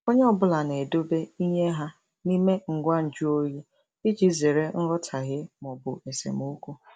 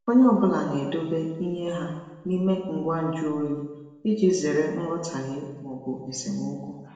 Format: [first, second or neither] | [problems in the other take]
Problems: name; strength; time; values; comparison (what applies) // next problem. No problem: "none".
first | room echo; dies away in 1 s